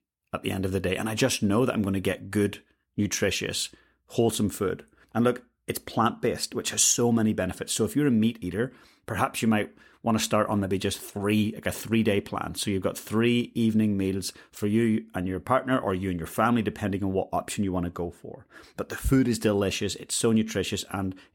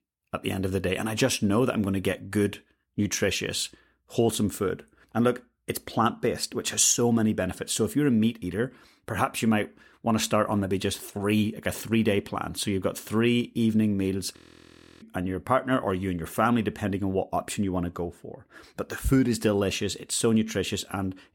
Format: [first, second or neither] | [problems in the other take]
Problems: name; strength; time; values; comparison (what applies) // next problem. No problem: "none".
first | audio freezing; at 14 s for 0.5 s